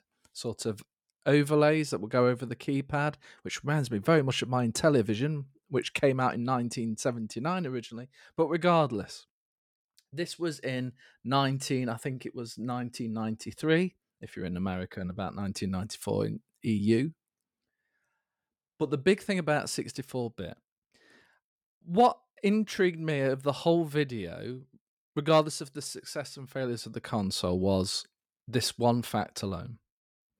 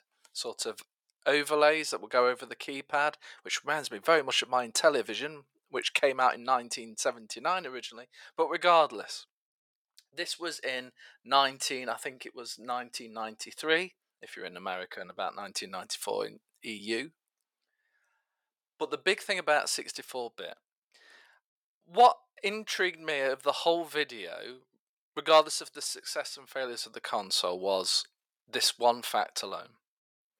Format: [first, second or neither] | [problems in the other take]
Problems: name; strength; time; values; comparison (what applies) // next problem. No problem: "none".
first | thin; very; fading below 700 Hz